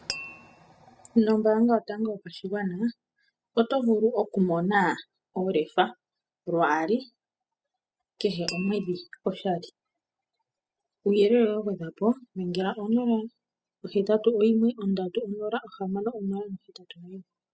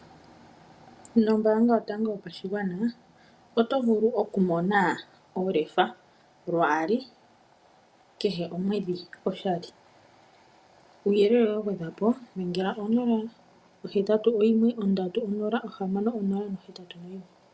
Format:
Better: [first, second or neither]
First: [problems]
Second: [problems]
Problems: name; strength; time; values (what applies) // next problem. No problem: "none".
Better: second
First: noise reduction (classical method spectral subtraction)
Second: none